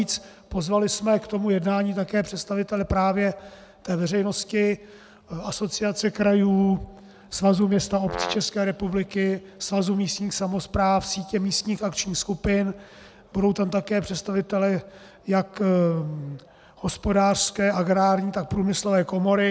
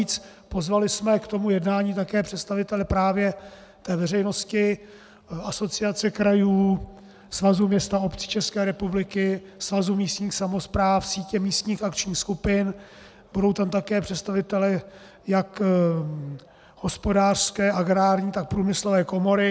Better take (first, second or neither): second